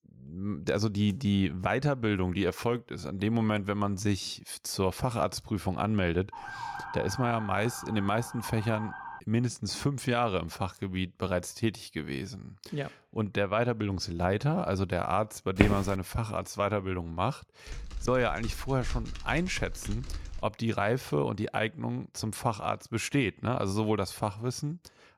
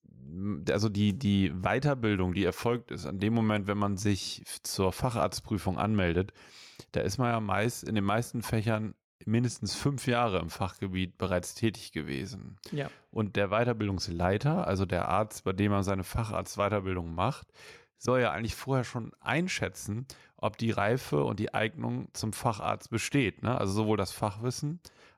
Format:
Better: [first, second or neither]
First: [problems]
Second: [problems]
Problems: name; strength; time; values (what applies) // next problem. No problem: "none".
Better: second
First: siren; noticeable; from 6.5 to 9 s; peak 7 dB below the speech // footsteps; loud; at 16 s; peak 2 dB above the speech // keyboard typing; noticeable; from 18 to 20 s; peak 8 dB below the speech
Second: none